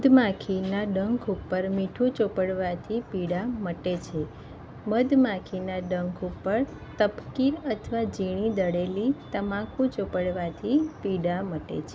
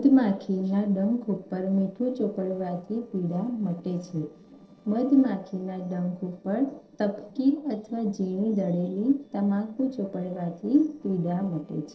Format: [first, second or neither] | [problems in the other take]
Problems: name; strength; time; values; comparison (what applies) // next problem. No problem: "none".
first | noise reduction (neural separator model SepFormer DNS4)